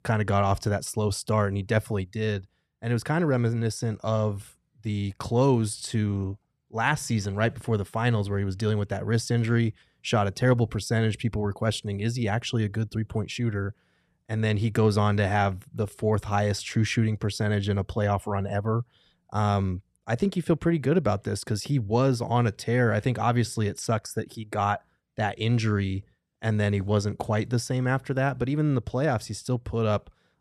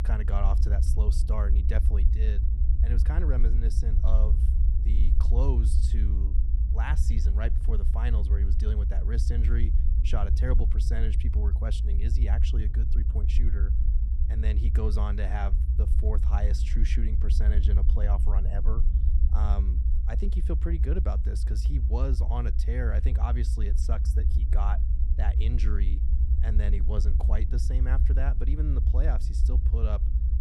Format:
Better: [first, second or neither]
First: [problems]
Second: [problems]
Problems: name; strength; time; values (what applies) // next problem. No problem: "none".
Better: first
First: none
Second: low rumble; loud; throughout; 5 dB below the speech